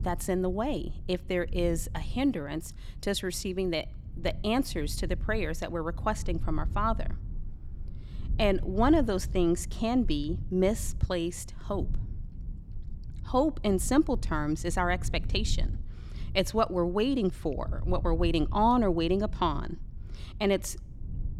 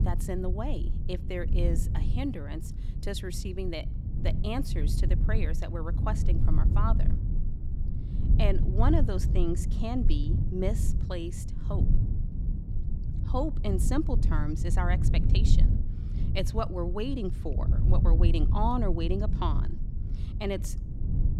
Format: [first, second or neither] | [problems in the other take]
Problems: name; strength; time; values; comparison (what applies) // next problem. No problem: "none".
first | low rumble; loud; throughout; 8 dB below the speech; faint in the first